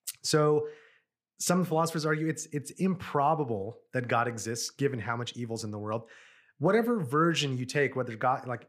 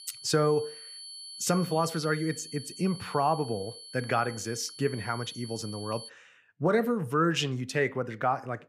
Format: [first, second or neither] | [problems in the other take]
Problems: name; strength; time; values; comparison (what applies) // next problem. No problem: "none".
first | high-pitched whine; noticeable; until 6 s; 4.5 kHz, 15 dB below the speech